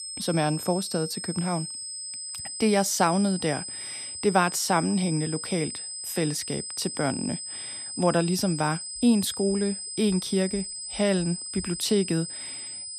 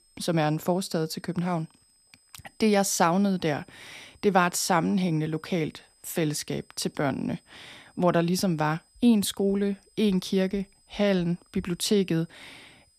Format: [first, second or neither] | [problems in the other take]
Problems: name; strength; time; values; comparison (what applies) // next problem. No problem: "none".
second | high-pitched whine; loud; throughout; 8 kHz, 7 dB below the speech; faint in the second